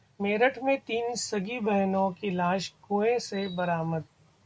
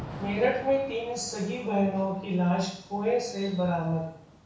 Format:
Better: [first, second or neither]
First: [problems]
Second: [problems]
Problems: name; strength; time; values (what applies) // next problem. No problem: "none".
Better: first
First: none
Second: background sound (Thunder / Rain); 16 dB below the speech // room echo; dies away in 0.7 s